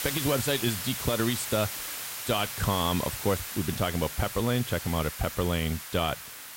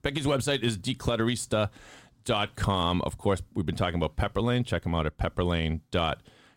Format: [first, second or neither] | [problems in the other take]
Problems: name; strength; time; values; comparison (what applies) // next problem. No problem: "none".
second | hiss; loud; throughout; 5 dB below the speech